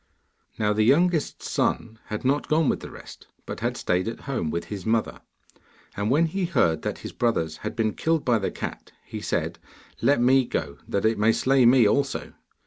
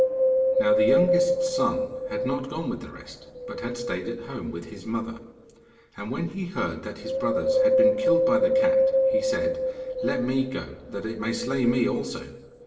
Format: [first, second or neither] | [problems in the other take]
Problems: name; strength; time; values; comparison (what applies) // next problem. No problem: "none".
first | background sound (Wind); 4 dB above the speech // room echo; dies away in 0.8 s